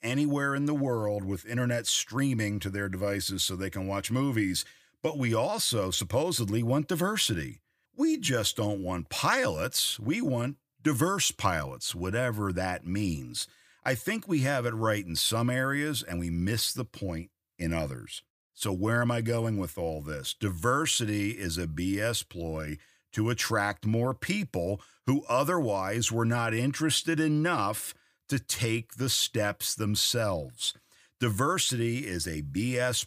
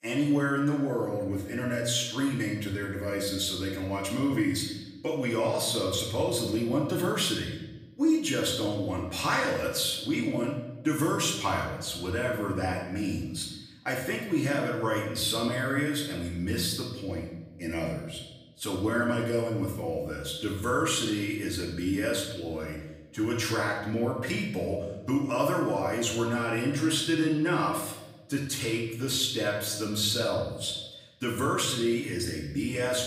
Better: first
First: none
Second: off-mic speech; far // room echo; noticeable; dies away in 0.9 s

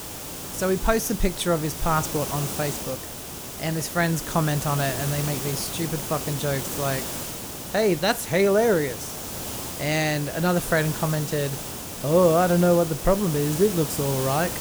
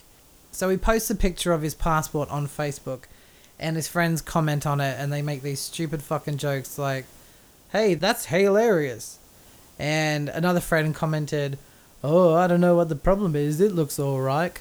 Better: second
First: hiss; loud; throughout; 7 dB below the speech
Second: hiss; faint; throughout; 25 dB below the speech

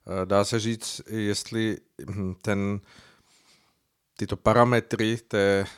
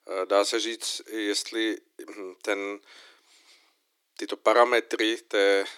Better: first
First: none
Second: thin; very; fading below 300 Hz

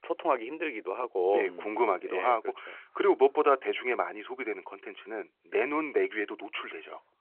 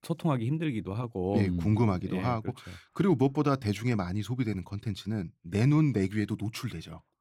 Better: second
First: phone-call audio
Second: none

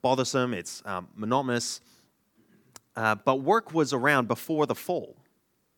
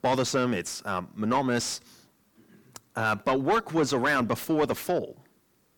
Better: first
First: none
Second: distortion; heavy; 7 dB below the speech

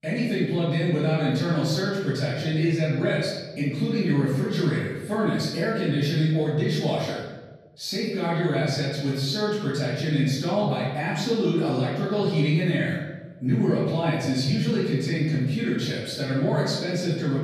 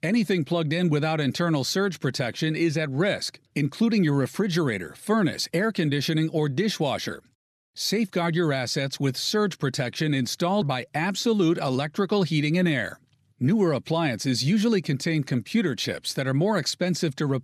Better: second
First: off-mic speech; far // room echo; noticeable; dies away in 1.1 s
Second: none

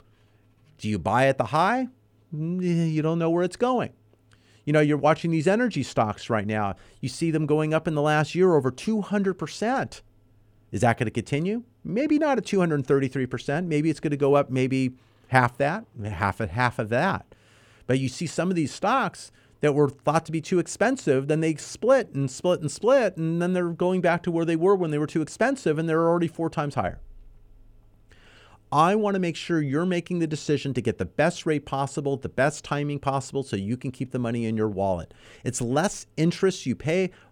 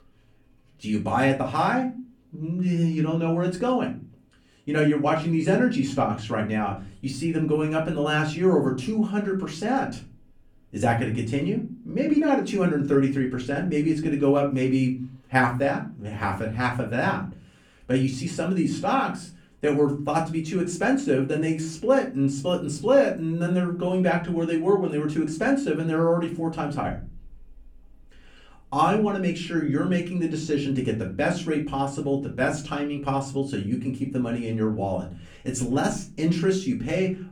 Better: first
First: none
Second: off-mic speech; far // room echo; very slight; dies away in 0.4 s

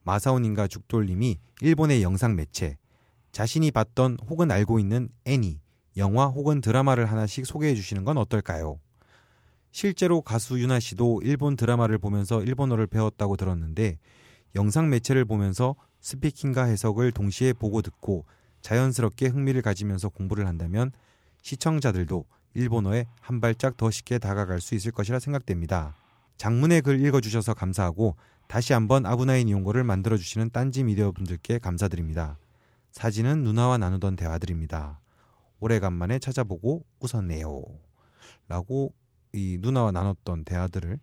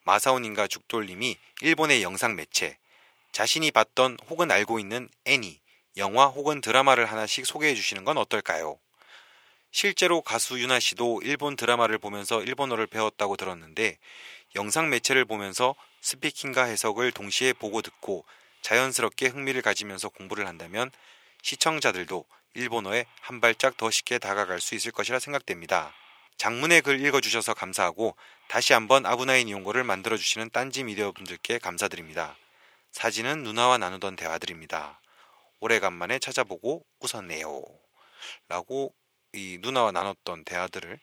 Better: first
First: none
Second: thin; very; fading below 600 Hz

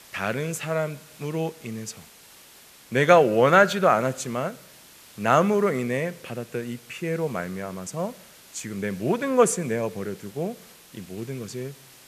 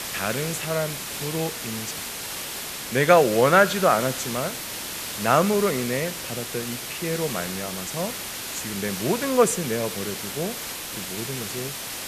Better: first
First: hiss; faint; throughout; 25 dB below the speech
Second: hiss; loud; throughout; 6 dB below the speech

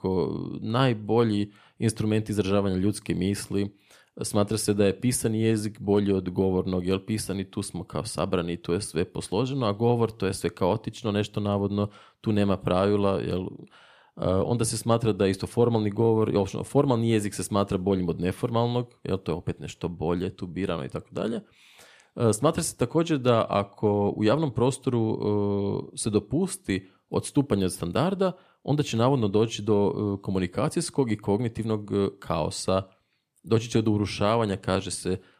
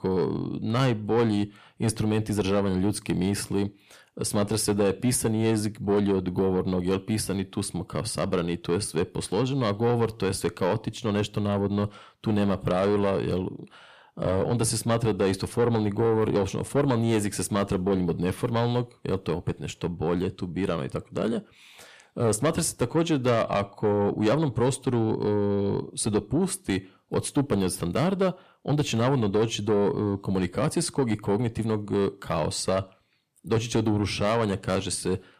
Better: first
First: none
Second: distortion; slight; 10 dB below the speech

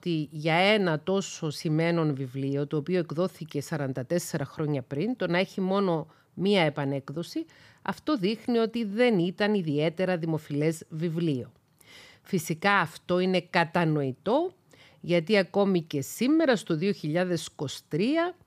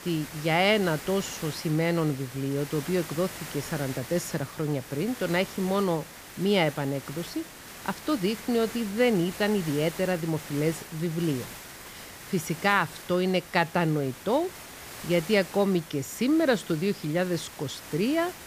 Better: first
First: none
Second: hiss; noticeable; throughout; 15 dB below the speech

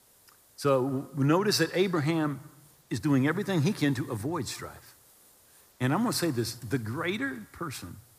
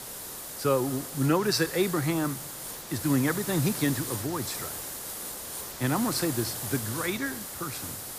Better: first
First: hiss; faint; throughout; 25 dB below the speech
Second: hiss; loud; throughout; 6 dB below the speech

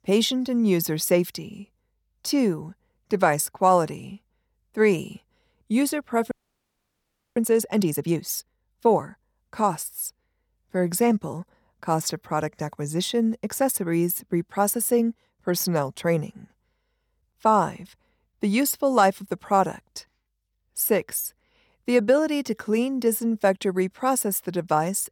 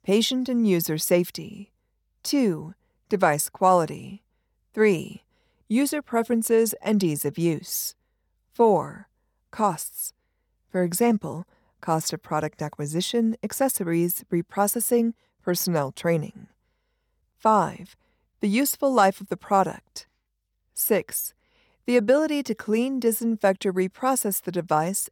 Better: second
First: audio freezing; at 6.5 s for 1 s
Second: none

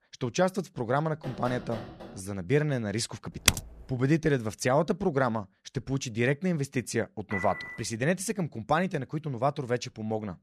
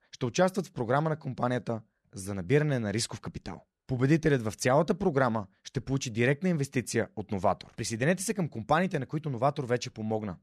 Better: second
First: door banging; faint; at 1 s; peak 10 dB below the speech // keyboard typing; loud; at 3.5 s; peak 4 dB above the speech // clattering dishes; noticeable; at 7.5 s; peak 5 dB below the speech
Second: none

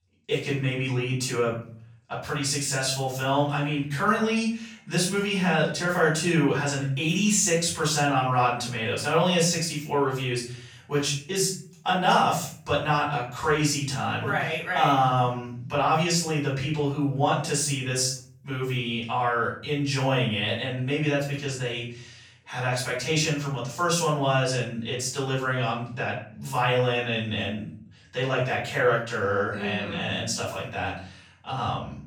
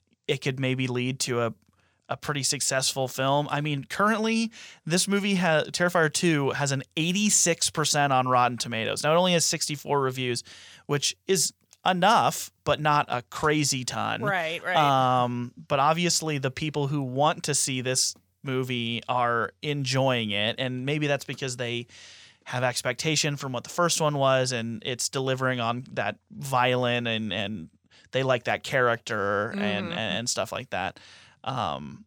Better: second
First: off-mic speech; far // room echo; noticeable; dies away in 0.5 s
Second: none

